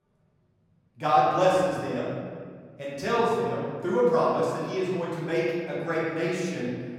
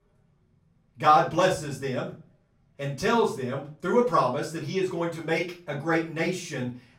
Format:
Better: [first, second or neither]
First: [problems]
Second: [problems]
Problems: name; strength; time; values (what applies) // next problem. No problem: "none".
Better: second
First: room echo; strong; dies away in 1.8 s // off-mic speech; far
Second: room echo; slight; dies away in 0.3 s // off-mic speech; far